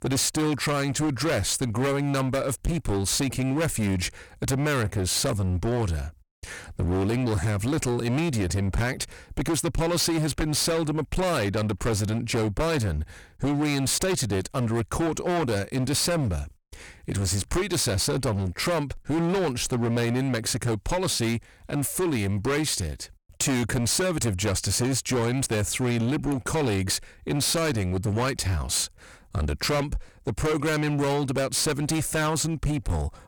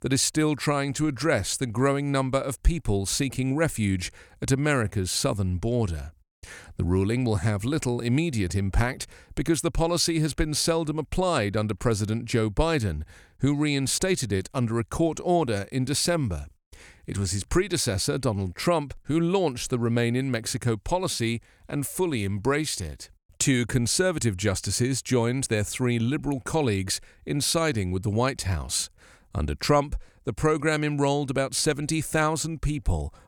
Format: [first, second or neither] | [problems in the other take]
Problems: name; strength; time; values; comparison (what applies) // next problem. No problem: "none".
second | distortion; heavy; 25% of the sound clipped